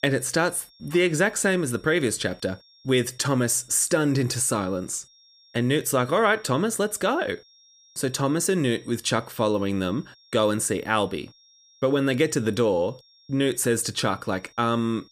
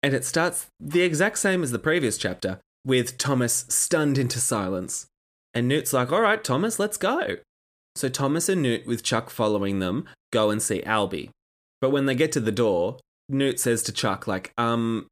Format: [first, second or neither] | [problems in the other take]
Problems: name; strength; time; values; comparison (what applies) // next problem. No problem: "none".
second | high-pitched whine; faint; throughout; 5.5 kHz, 30 dB below the speech